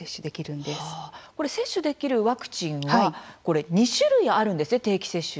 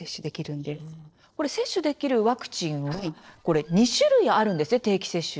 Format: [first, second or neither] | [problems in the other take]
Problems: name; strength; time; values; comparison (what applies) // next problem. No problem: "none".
first | noise reduction (neural separator model SepFormer DNS4)